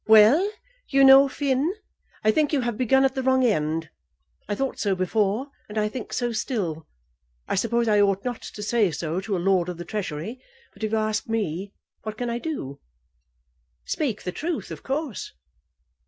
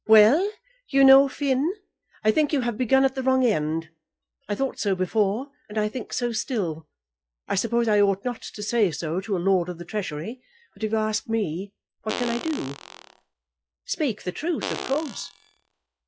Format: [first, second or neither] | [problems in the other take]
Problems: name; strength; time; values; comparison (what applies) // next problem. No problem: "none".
first | noise reduction (classical method log-MMSE)